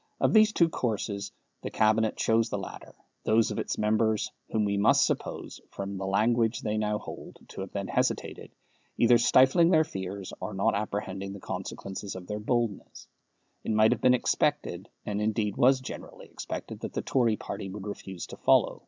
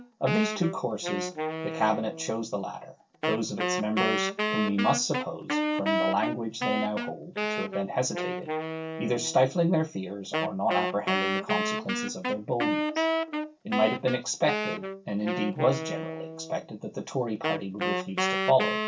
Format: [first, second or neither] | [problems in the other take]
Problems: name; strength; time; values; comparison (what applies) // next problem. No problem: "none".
first | background sound (Wind instrument, woodwind instrument); 2 dB below the speech // room echo; dies away in 0.2 s